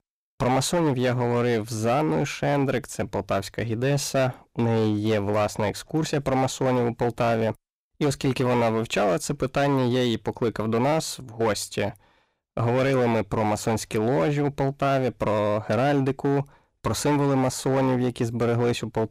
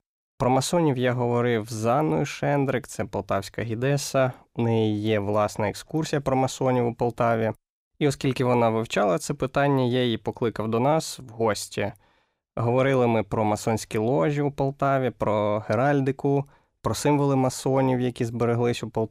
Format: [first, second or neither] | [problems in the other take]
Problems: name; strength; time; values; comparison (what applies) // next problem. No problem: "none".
second | distortion; slight; 13% of the sound clipped